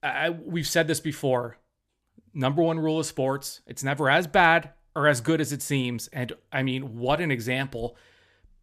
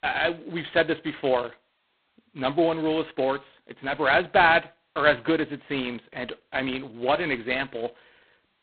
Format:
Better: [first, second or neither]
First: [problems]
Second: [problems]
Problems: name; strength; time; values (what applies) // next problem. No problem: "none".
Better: first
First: none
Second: phone-call audio; poor line; nothing above 4 kHz